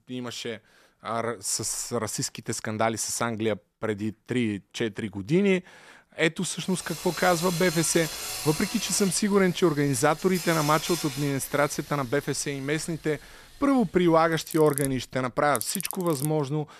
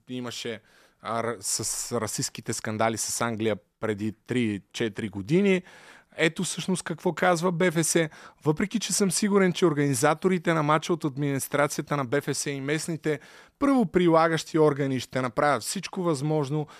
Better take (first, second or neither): second